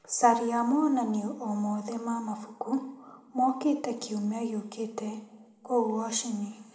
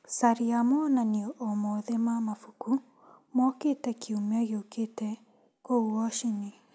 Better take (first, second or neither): second